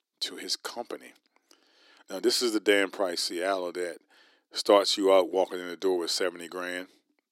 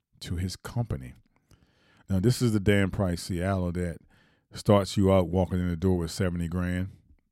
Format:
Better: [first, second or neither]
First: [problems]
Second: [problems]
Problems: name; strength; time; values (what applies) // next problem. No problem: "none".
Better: second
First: thin; very; fading below 300 Hz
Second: none